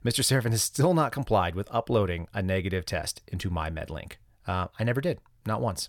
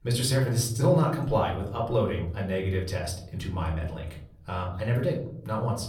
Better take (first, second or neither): first